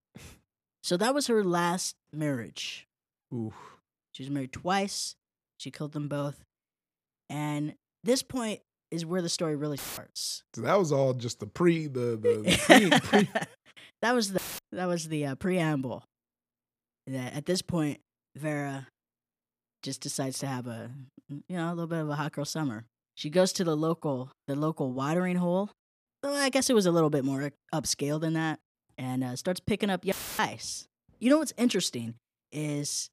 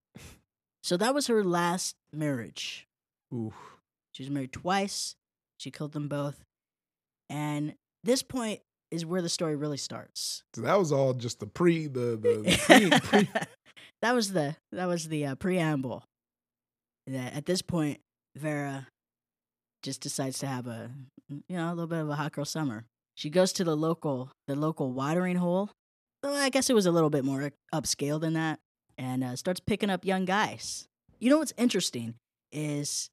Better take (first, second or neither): second